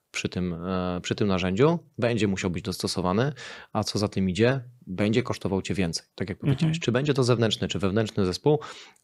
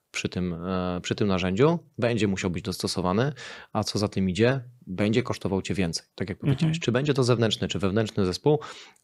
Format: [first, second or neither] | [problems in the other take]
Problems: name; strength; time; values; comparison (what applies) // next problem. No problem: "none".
neither | none